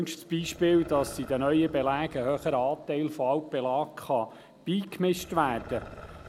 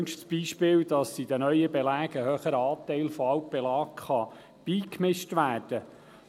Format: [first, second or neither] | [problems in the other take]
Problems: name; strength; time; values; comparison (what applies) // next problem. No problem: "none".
second | background sound (Growling); 19 dB below the speech